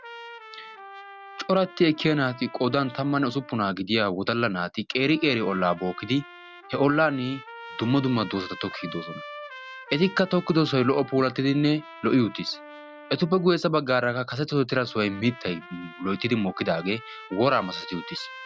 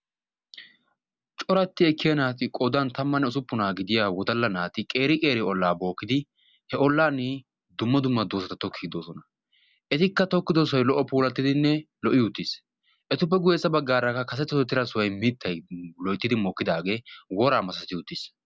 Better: second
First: background sound (Trumpet); 18 dB below the speech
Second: none

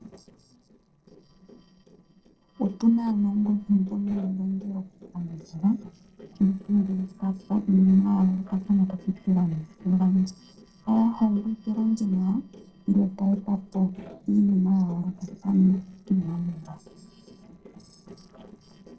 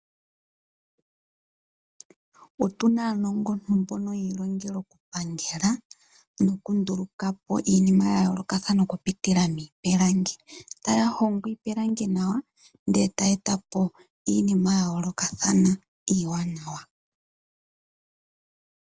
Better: second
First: noise reduction (neural separator model SepFormer DNS4)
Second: none

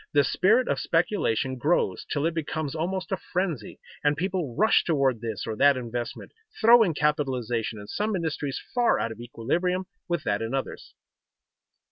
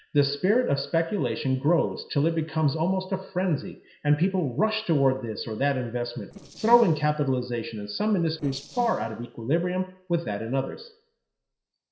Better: first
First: none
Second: noise reduction (neural separator model SepFormer DNS4)

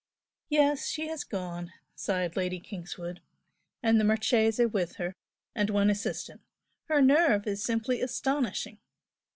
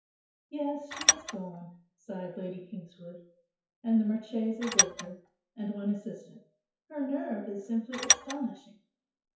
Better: first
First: none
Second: noise reduction (classical method WPE with log-MMSE)

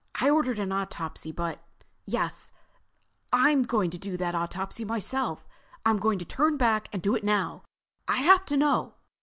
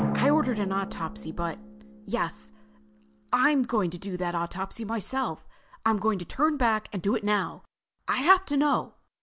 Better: first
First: none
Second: background sound (Drum); 11 dB below the speech

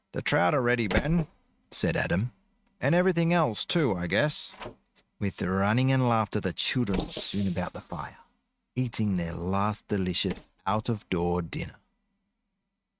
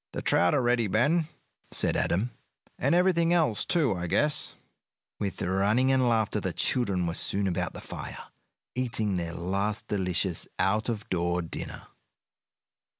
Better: second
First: noise reduction (neural mask model RNNoise)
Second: none

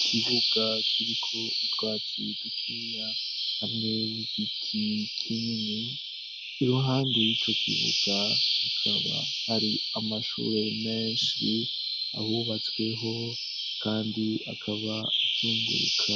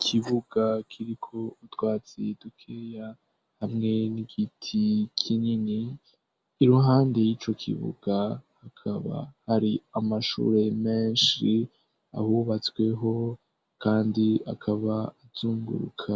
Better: second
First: background sound (Bird vocalization, bird call, bird song); 2 dB above the speech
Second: none

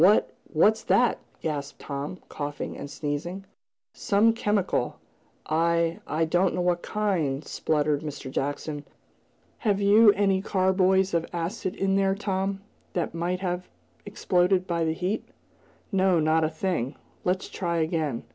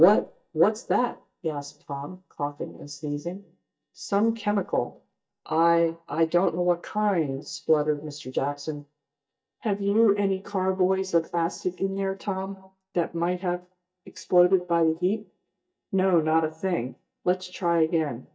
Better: first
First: none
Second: noise reduction (neural mask model DeepFilterNet 3)

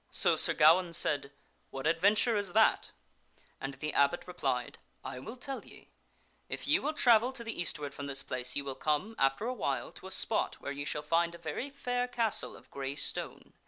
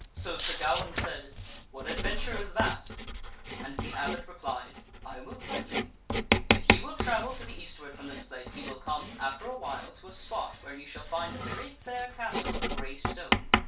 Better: first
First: none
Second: background sound (Writing); 4 dB above the speech // room echo; dies away in 0.3 s

